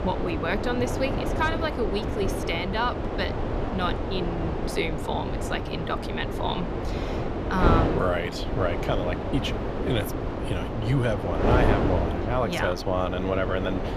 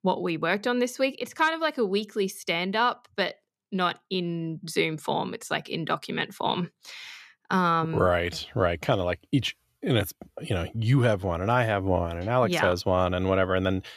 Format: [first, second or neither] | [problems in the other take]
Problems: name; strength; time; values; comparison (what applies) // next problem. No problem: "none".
second | wind noise on the microphone; heavy; 3 dB below the speech